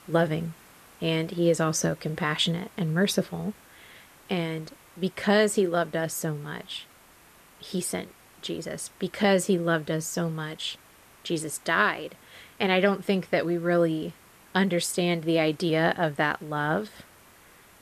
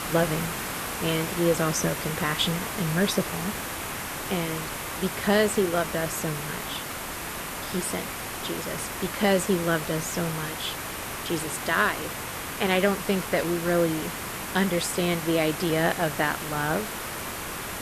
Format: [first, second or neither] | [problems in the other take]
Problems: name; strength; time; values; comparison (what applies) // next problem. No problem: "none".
first | hiss; loud; throughout; 5 dB below the speech; faint in the first